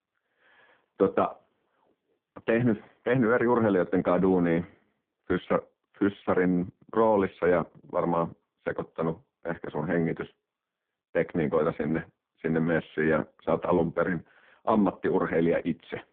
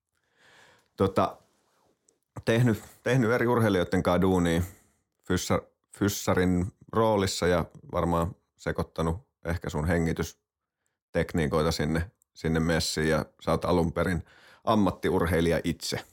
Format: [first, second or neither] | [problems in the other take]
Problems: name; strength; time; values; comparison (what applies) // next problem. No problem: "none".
second | phone-call audio; poor line